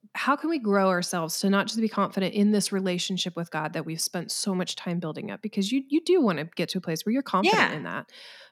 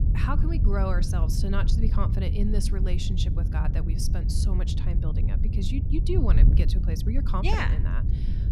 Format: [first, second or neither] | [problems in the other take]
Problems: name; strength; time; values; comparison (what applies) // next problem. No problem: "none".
first | wind noise on the microphone; heavy; 6 dB below the speech